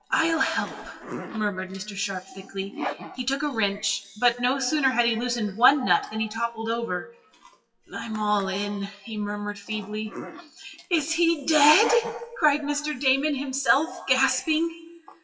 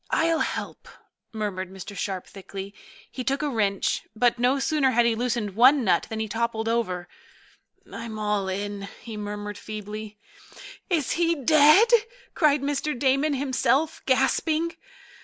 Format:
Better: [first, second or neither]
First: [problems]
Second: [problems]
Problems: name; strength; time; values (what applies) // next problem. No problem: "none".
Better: second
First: noise reduction (classical method WPE with log-MMSE)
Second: none